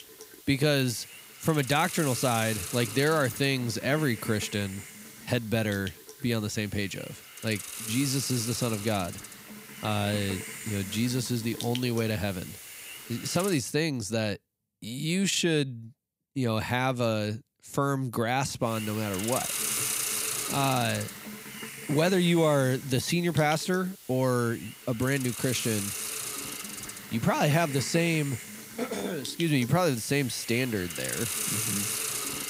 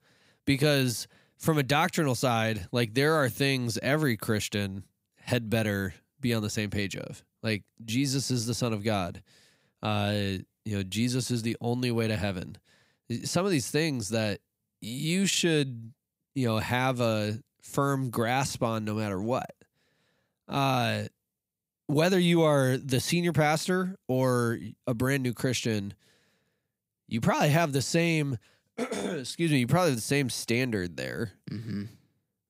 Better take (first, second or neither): second